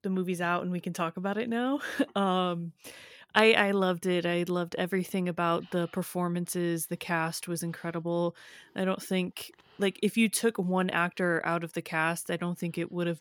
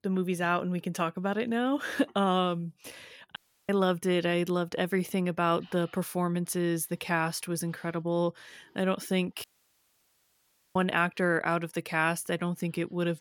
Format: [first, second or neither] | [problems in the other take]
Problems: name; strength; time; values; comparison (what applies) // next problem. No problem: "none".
first | audio cutting out; at 3.5 s and at 9.5 s for 1.5 s